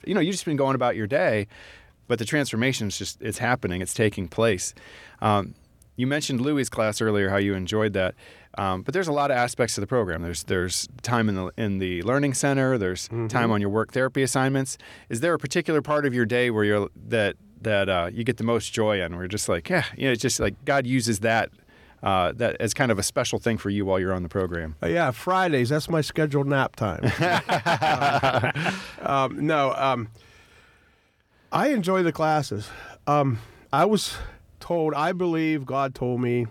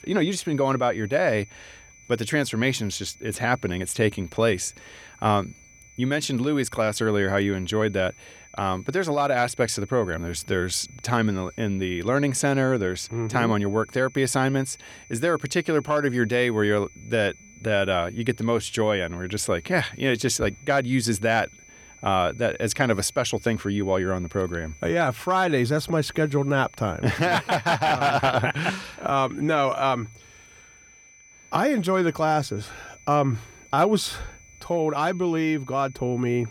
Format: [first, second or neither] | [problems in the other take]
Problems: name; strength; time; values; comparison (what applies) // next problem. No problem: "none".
first | high-pitched whine; faint; throughout; 2.5 kHz, 25 dB below the speech